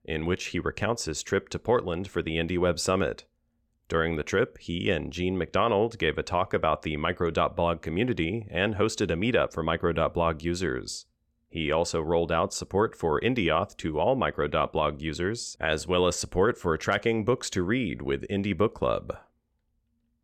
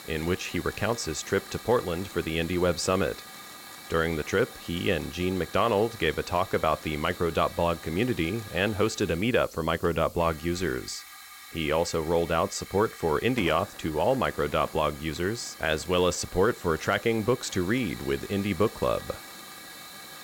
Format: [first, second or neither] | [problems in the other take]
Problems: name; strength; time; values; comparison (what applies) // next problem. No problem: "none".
first | hiss; noticeable; throughout; 15 dB below the speech